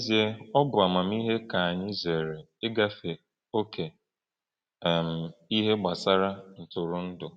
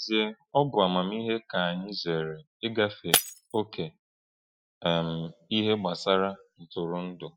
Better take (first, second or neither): first